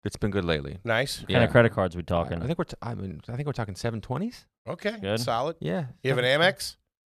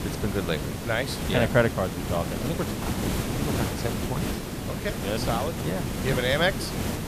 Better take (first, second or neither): first